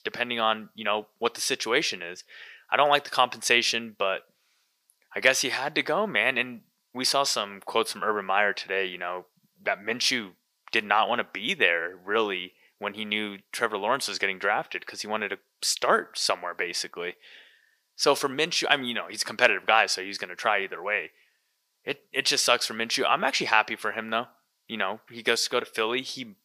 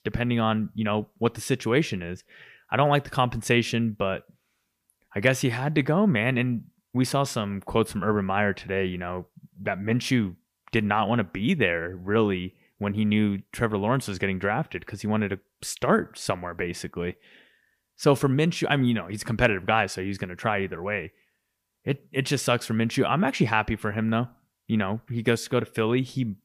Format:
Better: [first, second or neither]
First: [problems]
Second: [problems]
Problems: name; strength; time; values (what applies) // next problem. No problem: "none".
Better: second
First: thin; very; fading below 550 Hz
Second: none